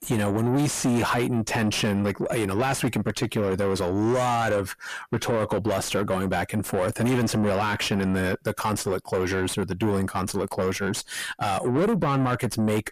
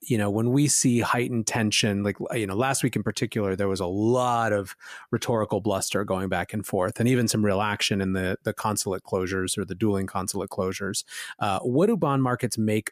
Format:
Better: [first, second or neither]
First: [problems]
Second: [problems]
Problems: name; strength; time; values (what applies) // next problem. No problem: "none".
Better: second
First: distortion; heavy; 7 dB below the speech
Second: none